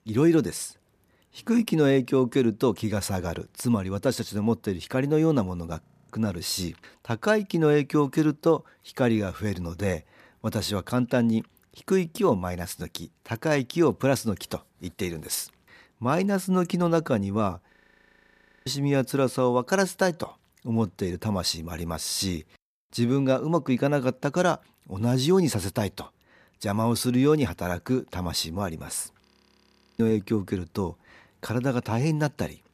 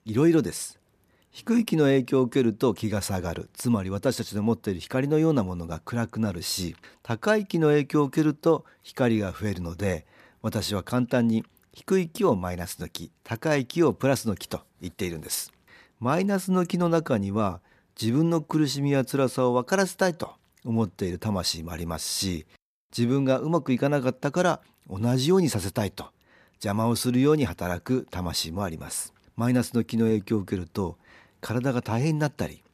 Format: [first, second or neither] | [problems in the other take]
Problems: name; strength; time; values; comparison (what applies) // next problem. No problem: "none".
second | audio freezing; at 6 s, at 18 s for 1 s and at 29 s for 0.5 s